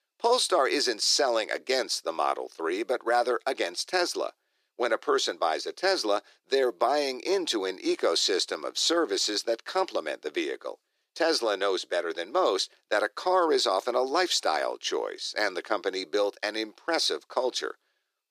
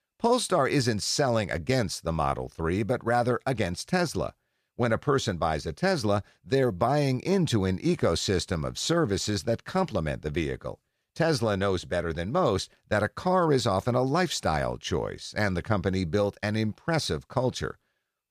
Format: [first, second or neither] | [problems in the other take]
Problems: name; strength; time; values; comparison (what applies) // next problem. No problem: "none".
second | thin; very; fading below 350 Hz